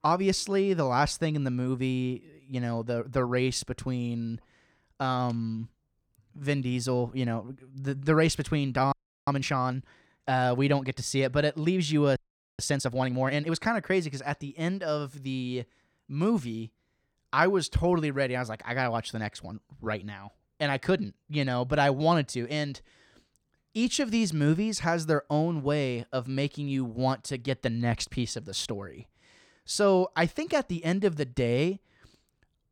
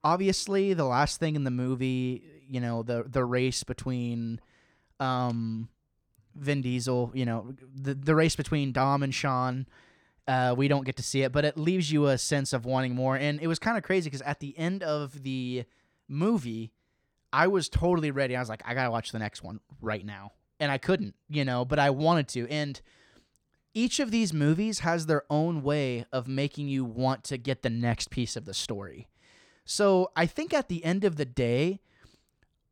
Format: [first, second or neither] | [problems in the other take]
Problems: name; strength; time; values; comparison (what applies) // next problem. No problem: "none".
second | audio freezing; at 9 s and at 12 s